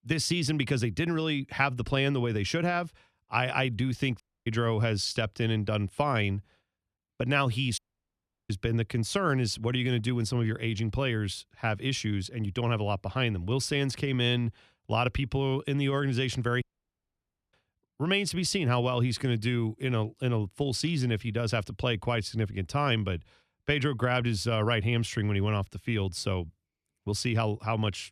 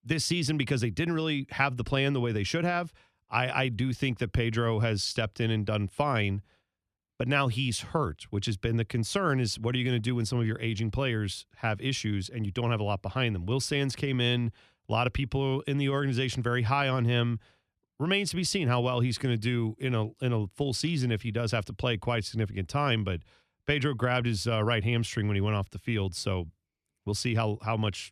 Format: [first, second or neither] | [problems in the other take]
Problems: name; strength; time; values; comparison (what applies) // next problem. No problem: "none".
second | audio cutting out; at 4 s, at 8 s for 0.5 s and at 17 s for 1 s